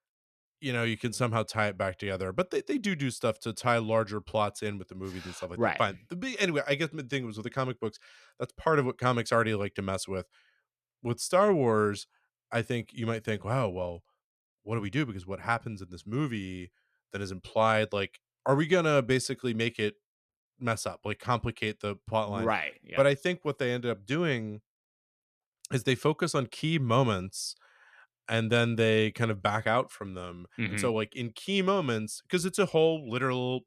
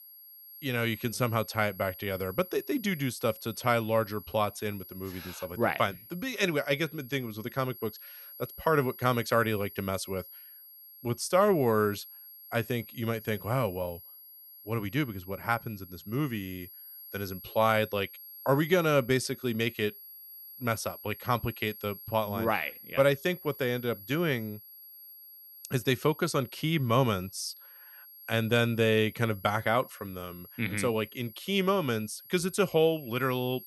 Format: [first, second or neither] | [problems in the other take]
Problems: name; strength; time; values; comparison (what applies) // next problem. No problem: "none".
first | high-pitched whine; noticeable; throughout; 11.5 kHz, 15 dB below the speech